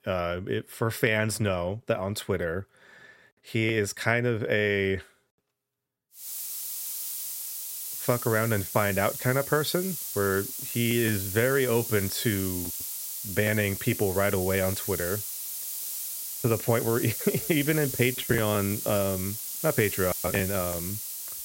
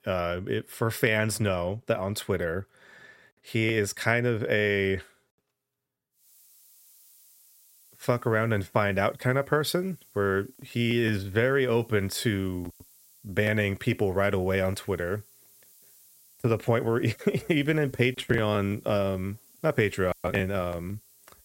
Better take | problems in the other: second | hiss; loud; from 6 s on; 5 dB below the speech; faint in the second

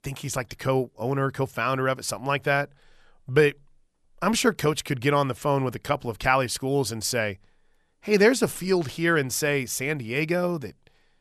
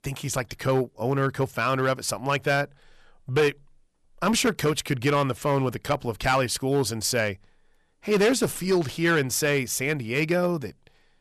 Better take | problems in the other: first | distortion; slight; 4% of the sound clipped

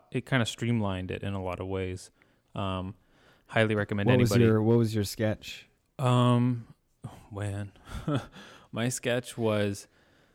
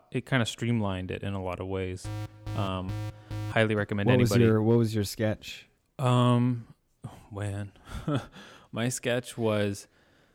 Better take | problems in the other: first | alarm; noticeable; from 2 to 3.5 s; peak 9 dB below the speech

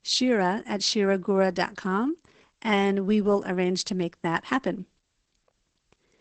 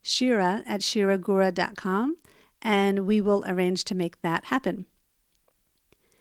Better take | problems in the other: second | garbled, watery; badly; nothing above 8 kHz; slightly in the second

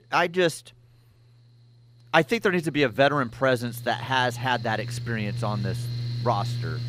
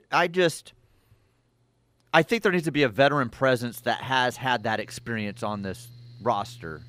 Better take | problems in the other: second | machinery noise; loud; throughout; 8 dB below the speech; faint in the second

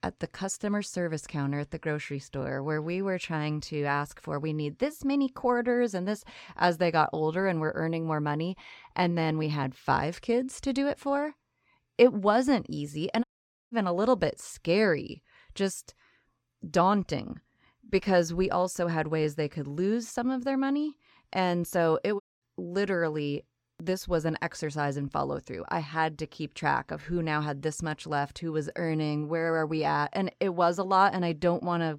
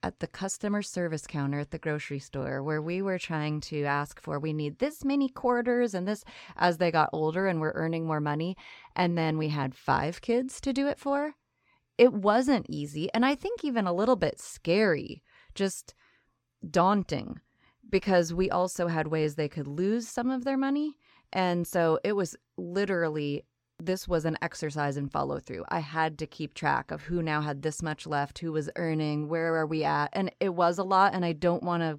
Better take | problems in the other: second | audio cutting out; at 13 s and at 22 s

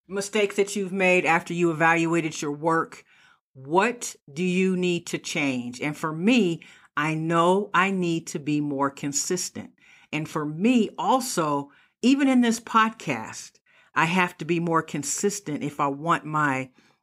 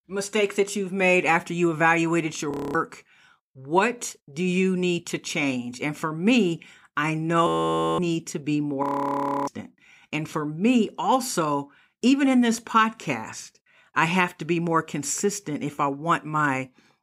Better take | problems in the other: first | audio freezing; at 2.5 s, at 7.5 s for 0.5 s and at 9 s for 0.5 s

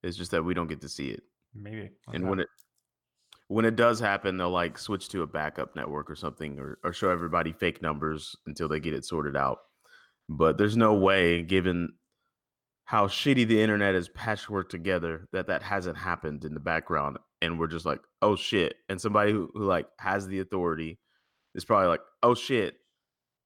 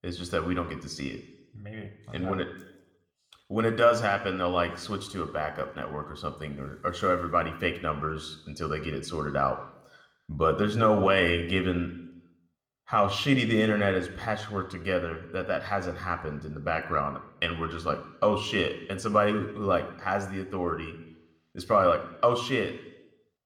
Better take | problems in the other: first | room echo; very slight; dies away in 0.8 s

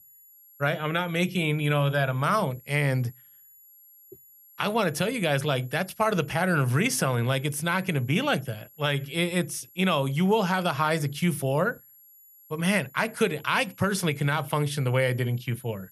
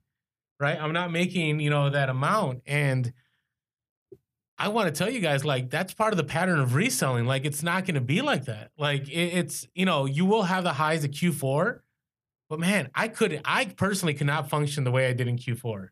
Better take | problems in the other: second | high-pitched whine; faint; throughout; 11.5 kHz, 25 dB below the speech

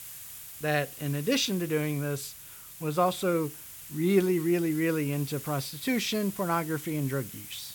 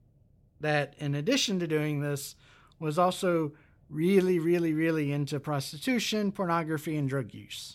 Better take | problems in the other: second | hiss; noticeable; throughout; 10 dB below the speech

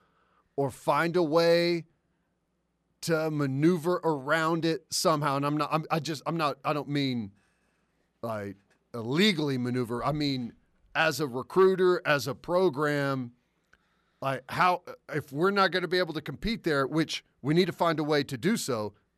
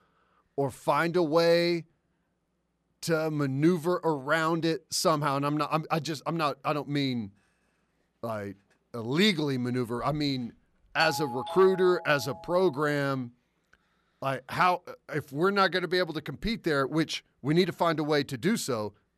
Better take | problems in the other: first | doorbell; noticeable; from 11 to 12 s; peak 5 dB below the speech

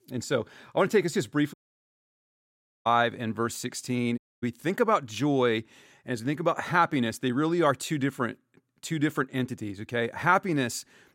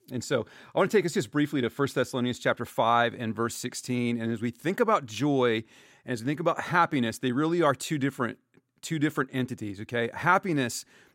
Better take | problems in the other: second | audio cutting out; at 1.5 s for 1.5 s and at 4 s

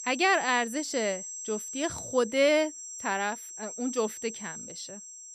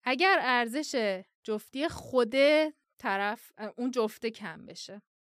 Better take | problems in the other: second | high-pitched whine; loud; throughout; 7.5 kHz, 10 dB below the speech

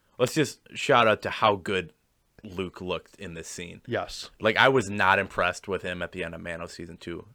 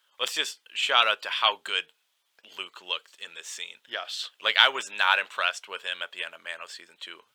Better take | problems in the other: first | thin; very; fading below 1 kHz

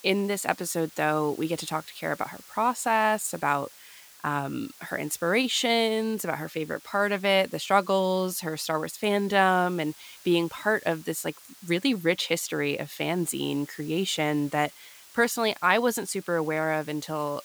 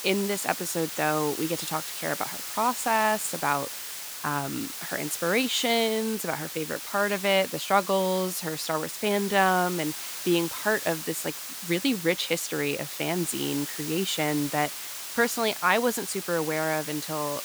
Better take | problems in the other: first | hiss; loud; throughout; 6 dB below the speech; faint in the first

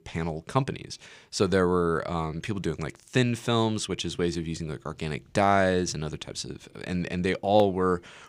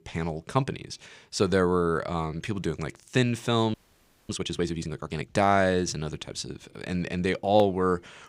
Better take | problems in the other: first | audio freezing; at 3.5 s for 0.5 s

